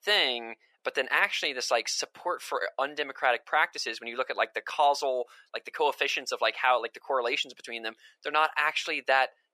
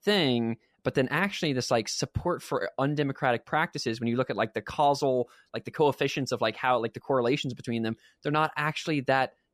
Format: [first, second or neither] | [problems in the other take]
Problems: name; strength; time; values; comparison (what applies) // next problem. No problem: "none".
second | thin; very; fading below 550 Hz